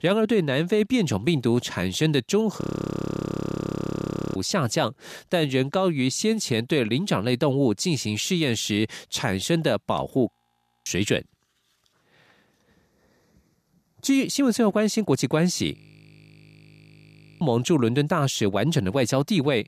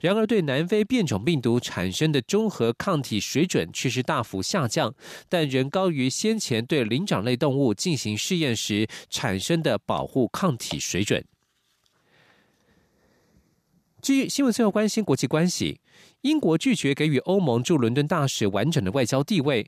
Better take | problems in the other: second | audio freezing; at 2.5 s for 1.5 s, at 10 s for 0.5 s and at 16 s for 1.5 s

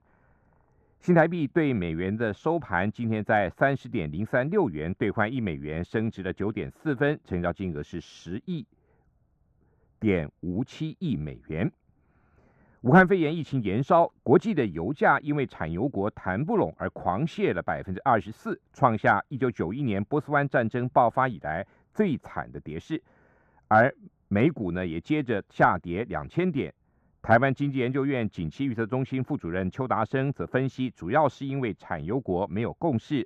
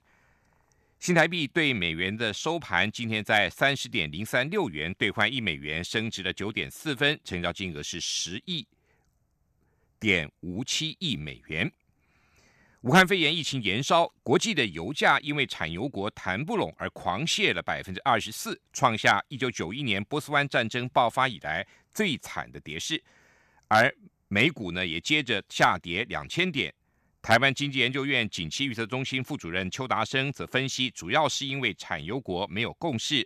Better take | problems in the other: second | muffled; very; fading above 2 kHz

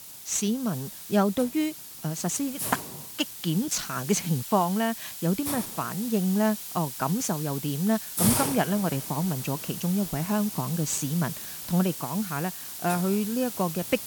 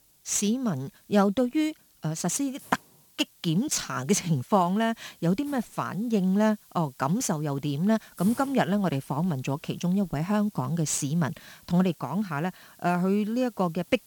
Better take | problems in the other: second | hiss; loud; throughout; 6 dB below the speech; faint in the second

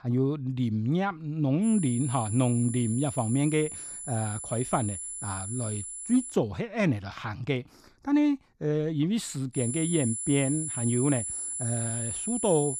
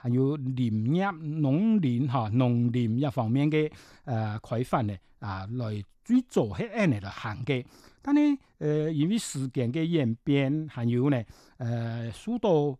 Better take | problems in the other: second | high-pitched whine; loud; from 1.5 to 6.5 s and from 9.5 s on; 10 kHz, 5 dB below the speech

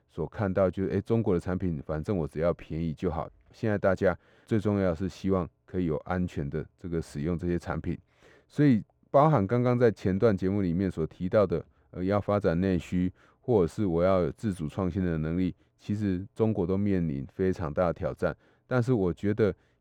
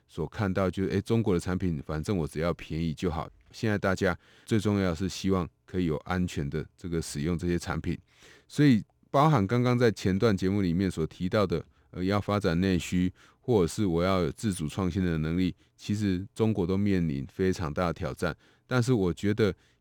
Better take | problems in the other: second | muffled; slightly; fading above 2.5 kHz

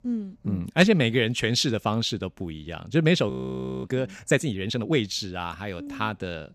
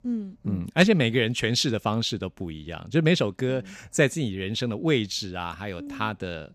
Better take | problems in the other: second | audio freezing; at 3.5 s for 0.5 s

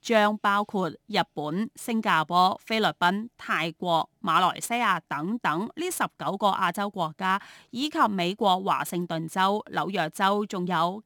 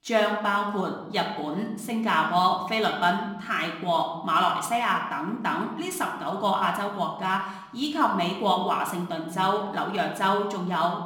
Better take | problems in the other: first | room echo; slight; dies away in 0.8 s // off-mic speech; somewhat distant

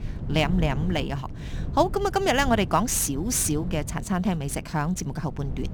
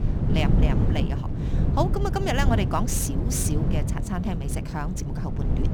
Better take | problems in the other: first | wind noise on the microphone; heavy; 5 dB below the speech; occasional gusts in the first

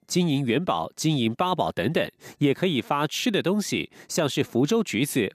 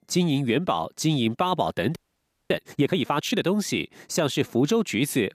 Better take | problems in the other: first | audio freezing; at 2 s for 0.5 s

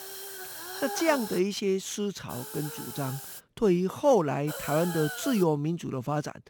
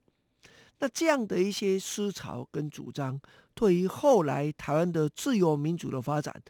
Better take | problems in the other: second | hiss; loud; until 1.5 s, from 2.5 to 3.5 s and at 4.5 s; 9 dB below the speech

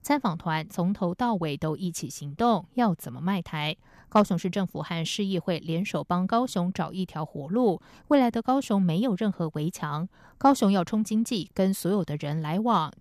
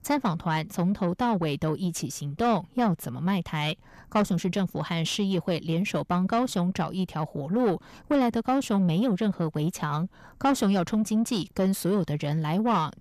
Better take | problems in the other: first | distortion; slight; 10 dB below the speech

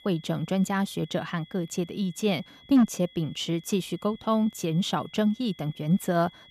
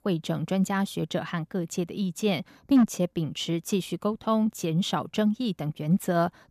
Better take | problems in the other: second | high-pitched whine; faint; throughout; 3.5 kHz, 25 dB below the speech

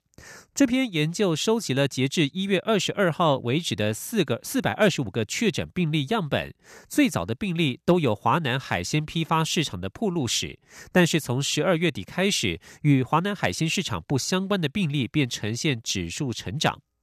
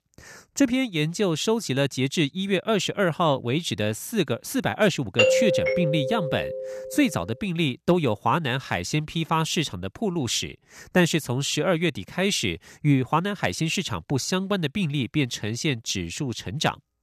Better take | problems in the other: first | doorbell; loud; from 5 to 6.5 s; peak 6 dB above the speech

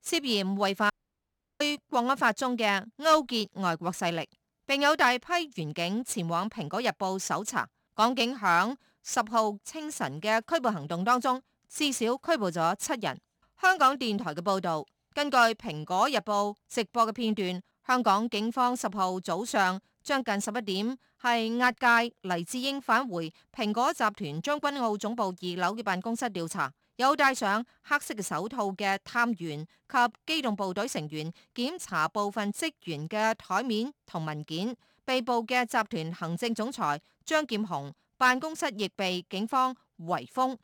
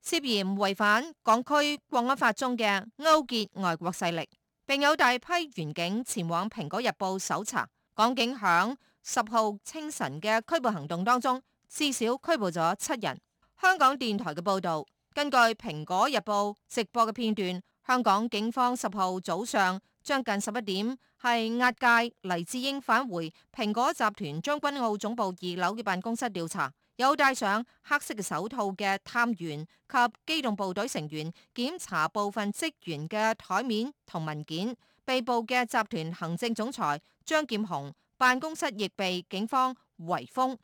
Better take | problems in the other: second | audio cutting out; at 1 s for 0.5 s

